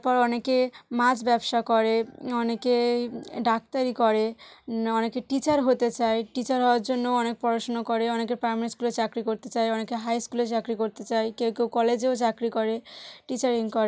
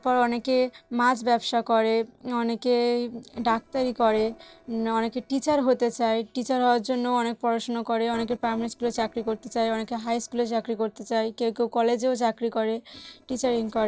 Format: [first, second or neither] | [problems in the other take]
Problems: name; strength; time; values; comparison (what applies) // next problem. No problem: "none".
first | noise reduction (neural separator model SepFormer DNS4)